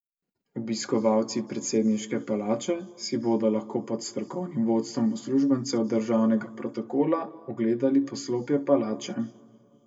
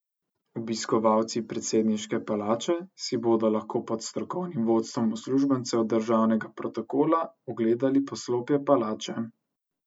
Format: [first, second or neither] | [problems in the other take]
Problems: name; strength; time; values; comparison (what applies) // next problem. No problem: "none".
second | room echo; dies away in 1.1 s